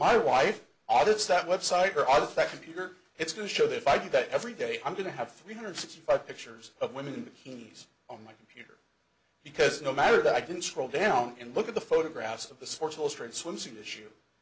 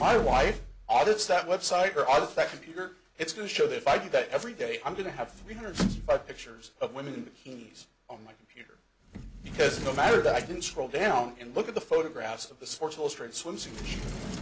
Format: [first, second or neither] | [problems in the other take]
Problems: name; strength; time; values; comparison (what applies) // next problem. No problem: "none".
first | background sound (Sliding door); 11 dB below the speech